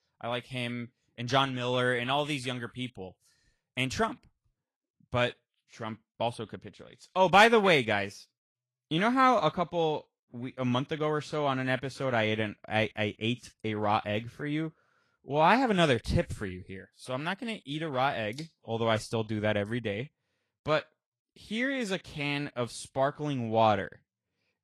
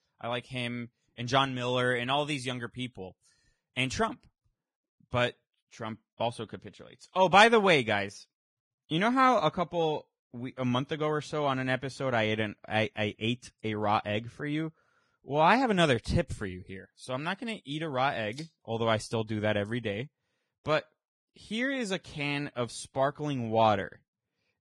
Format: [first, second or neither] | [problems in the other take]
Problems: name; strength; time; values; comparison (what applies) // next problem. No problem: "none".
first | garbled, watery; badly; nothing above 10 kHz; slightly in the first